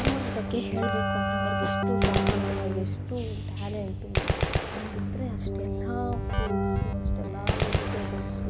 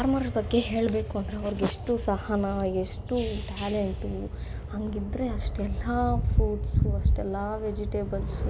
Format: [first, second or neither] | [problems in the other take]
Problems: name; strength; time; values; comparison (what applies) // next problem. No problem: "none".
second | background sound (Gunshot, gunfire + Keyboard (musical)); 5 dB above the speech